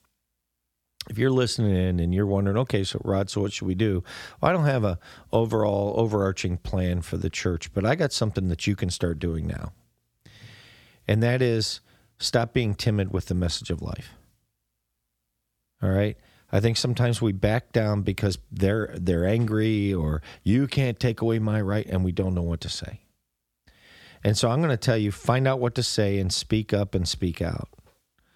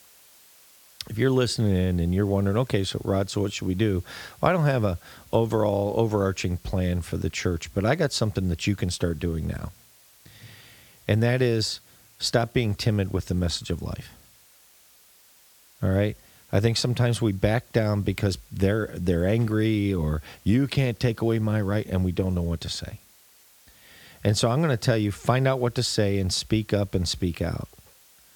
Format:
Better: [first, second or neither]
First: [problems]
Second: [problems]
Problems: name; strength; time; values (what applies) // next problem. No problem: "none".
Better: first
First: none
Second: hiss; faint; throughout; 25 dB below the speech